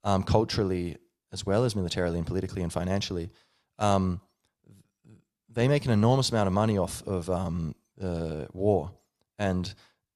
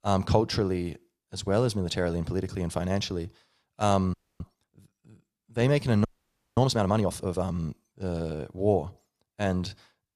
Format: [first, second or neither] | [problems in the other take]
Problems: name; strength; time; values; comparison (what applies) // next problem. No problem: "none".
first | audio freezing; at 4 s and at 6 s for 0.5 s